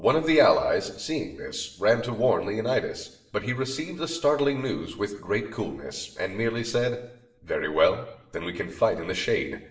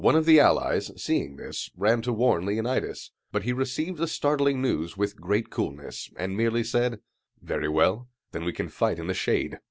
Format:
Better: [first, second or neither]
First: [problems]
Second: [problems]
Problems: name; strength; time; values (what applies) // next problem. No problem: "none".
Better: second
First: room echo; dies away in 0.8 s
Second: none